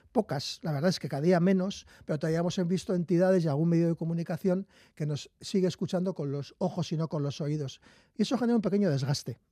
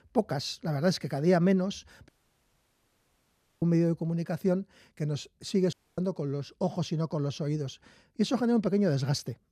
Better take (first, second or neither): first